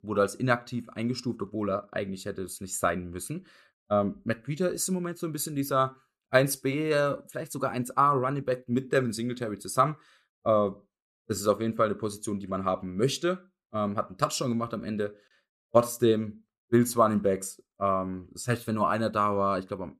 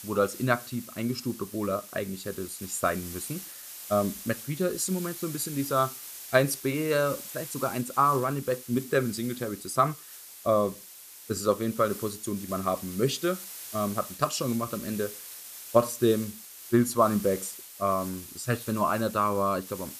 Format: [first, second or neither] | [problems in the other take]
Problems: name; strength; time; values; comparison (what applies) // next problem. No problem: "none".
first | hiss; noticeable; throughout; 10 dB below the speech